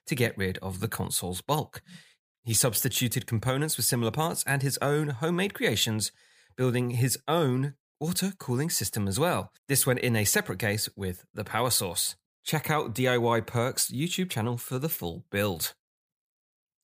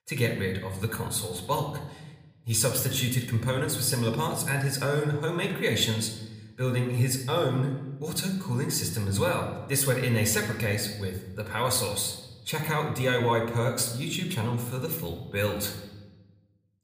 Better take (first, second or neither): first